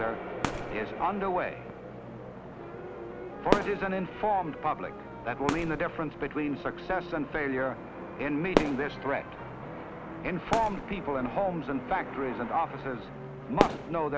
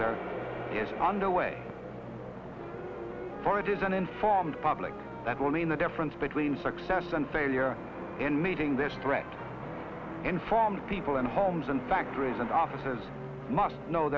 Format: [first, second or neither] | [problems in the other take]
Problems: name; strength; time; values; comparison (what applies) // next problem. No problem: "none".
second | background sound (Fireworks); 5 dB below the speech